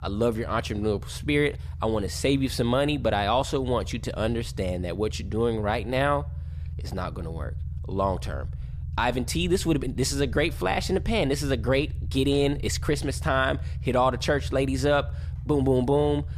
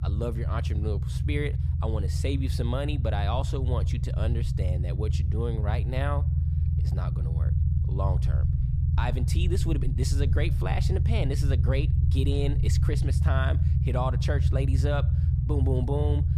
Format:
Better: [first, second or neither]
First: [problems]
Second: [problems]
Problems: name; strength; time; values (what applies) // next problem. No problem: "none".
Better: first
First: low rumble; faint; throughout; 25 dB below the speech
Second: low rumble; loud; throughout; 6 dB below the speech